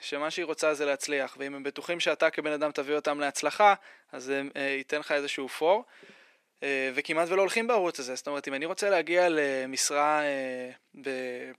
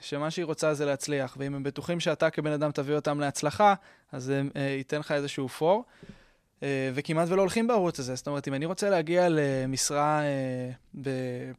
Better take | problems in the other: second | thin; somewhat; fading below 300 Hz

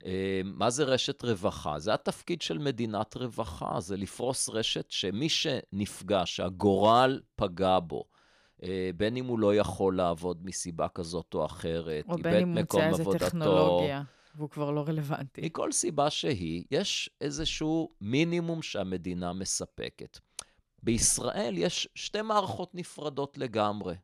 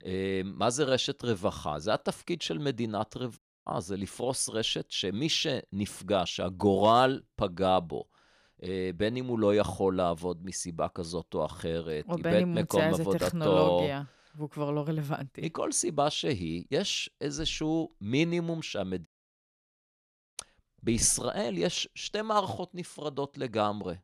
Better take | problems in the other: first | audio cutting out; at 3.5 s and at 19 s for 1.5 s

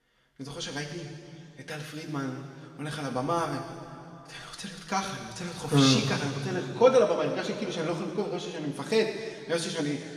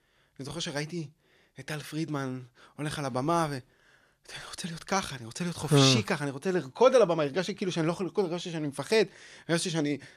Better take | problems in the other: second | room echo; noticeable; dies away in 2.3 s // off-mic speech; somewhat distant

